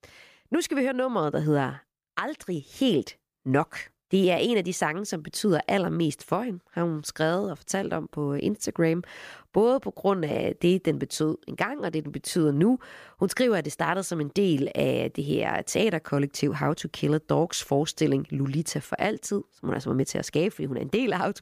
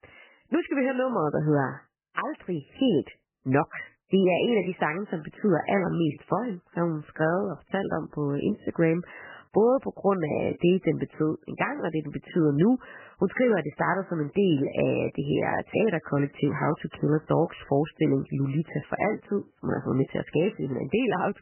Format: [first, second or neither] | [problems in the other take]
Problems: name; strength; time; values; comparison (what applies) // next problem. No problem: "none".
first | garbled, watery; badly; nothing above 3 kHz